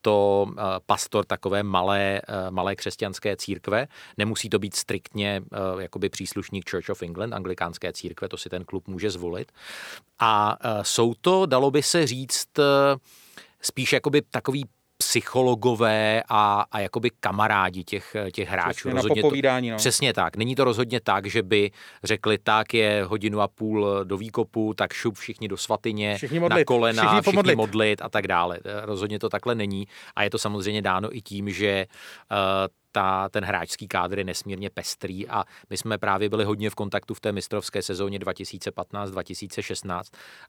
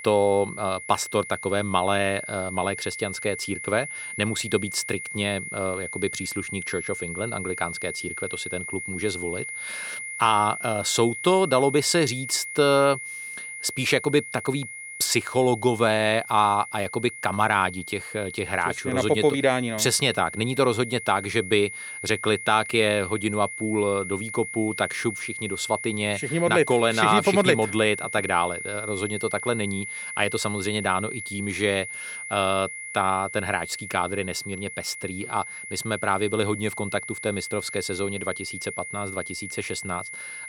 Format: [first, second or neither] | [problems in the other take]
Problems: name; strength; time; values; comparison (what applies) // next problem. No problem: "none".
first | high-pitched whine; loud; throughout; 2 kHz, 8 dB below the speech